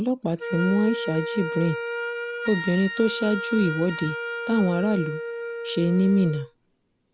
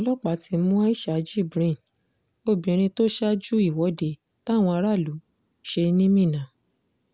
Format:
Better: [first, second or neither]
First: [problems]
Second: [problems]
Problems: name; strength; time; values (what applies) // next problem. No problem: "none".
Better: second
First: background sound (Wind instrument, woodwind instrument); 7 dB below the speech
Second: none